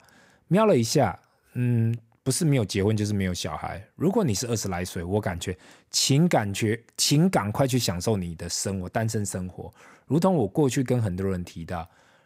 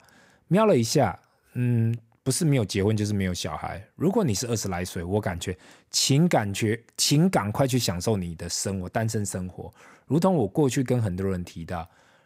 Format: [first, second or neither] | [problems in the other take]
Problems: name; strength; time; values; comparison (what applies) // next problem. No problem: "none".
neither | none